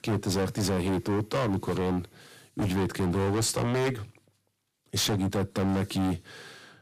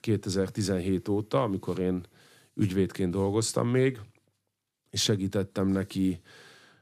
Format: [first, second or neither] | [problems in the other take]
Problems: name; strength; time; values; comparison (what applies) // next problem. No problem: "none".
second | distortion; heavy; 25% of the sound clipped